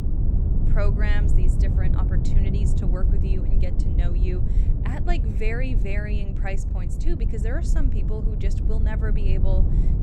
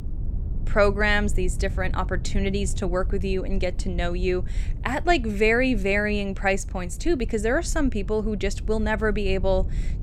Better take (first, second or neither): second